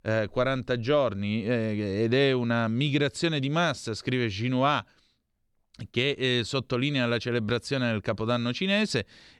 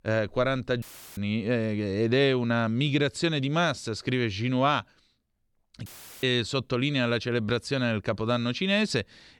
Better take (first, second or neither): first